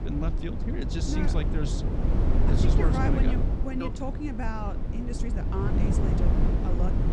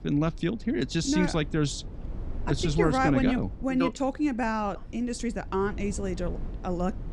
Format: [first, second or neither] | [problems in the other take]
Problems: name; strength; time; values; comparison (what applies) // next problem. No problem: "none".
second | low rumble; loud; throughout; 1 dB below the speech; faint in the second